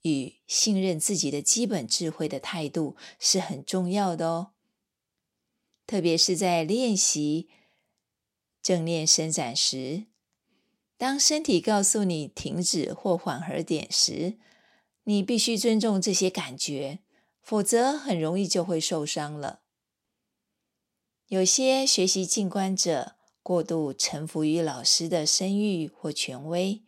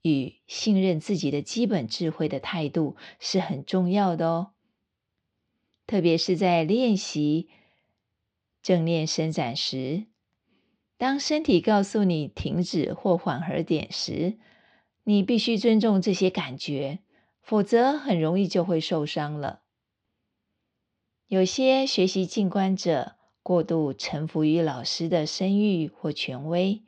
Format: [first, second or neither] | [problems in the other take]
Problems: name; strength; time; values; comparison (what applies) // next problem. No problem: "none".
first | muffled; slightly; fading above 4 kHz